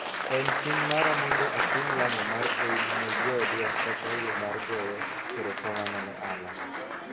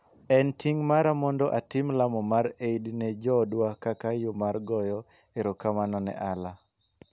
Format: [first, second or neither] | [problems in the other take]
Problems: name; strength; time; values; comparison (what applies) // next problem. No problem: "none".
second | background sound (Applause); 5 dB above the speech // room echo; dies away in 0.8 s